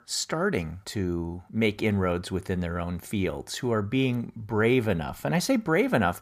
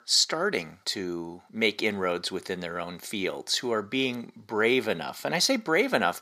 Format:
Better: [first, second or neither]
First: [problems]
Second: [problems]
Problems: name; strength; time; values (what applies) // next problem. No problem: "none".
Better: first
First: none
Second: thin; very slightly; fading below 300 Hz